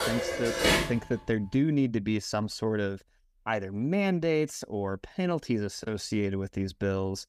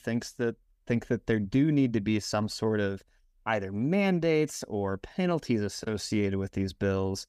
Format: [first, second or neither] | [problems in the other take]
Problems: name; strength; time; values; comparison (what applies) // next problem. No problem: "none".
second | clattering dishes; loud; at the start; peak 6 dB above the speech